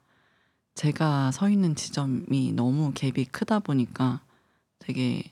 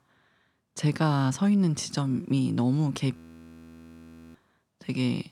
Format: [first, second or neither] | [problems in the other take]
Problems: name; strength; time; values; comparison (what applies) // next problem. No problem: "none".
first | audio freezing; at 3 s for 1 s